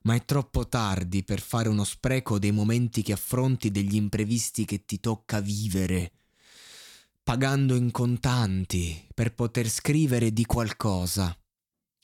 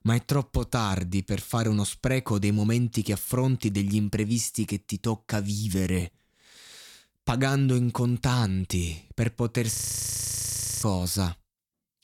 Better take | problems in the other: first | audio freezing; at 9.5 s for 1 s

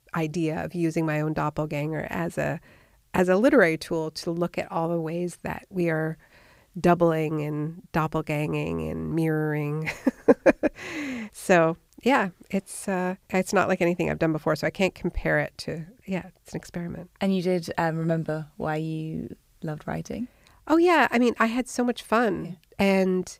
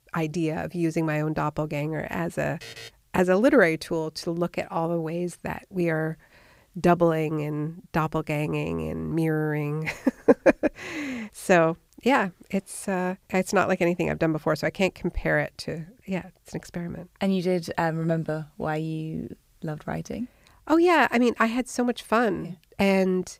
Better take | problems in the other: first | alarm; faint; at 2.5 s; peak 15 dB below the speech

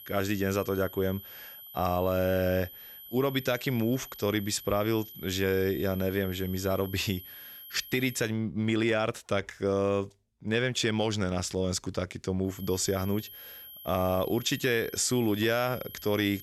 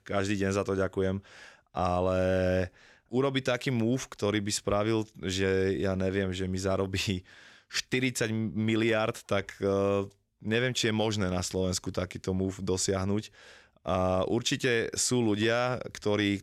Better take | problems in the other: second | high-pitched whine; noticeable; until 8 s and from 13 s on; 12 kHz, 15 dB below the speech

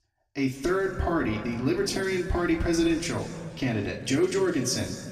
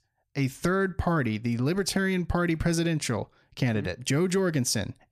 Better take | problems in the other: second | room echo; noticeable; dies away in 2 s // off-mic speech; far

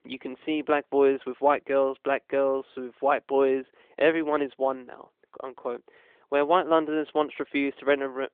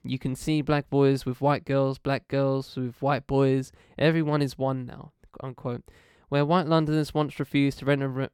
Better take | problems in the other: second | phone-call audio; nothing above 3.5 kHz

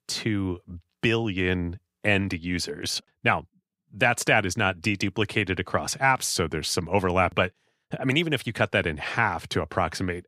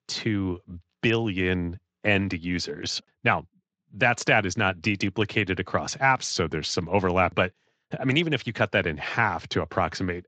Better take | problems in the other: first | garbled, watery; slightly; nothing above 7.5 kHz

